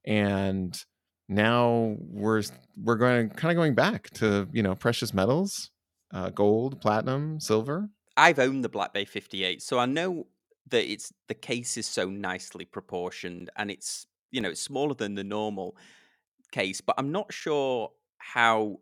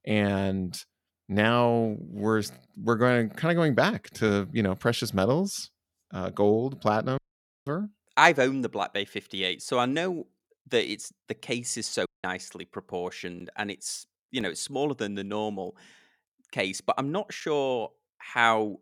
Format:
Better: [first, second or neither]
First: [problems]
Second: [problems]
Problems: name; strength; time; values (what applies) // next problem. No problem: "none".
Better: first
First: none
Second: audio cutting out; at 7 s and at 12 s